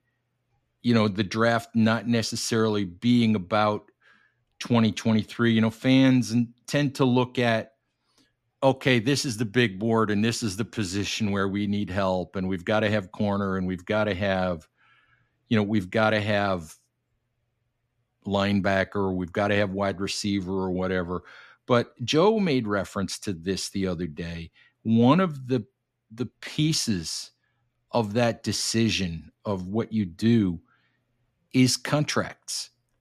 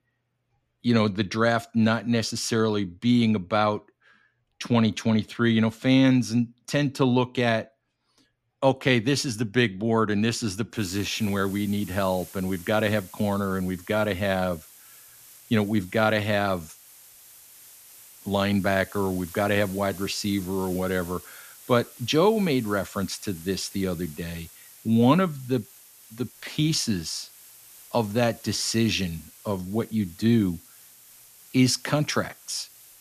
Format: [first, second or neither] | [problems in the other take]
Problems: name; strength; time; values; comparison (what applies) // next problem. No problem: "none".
first | hiss; faint; from 11 s on; 20 dB below the speech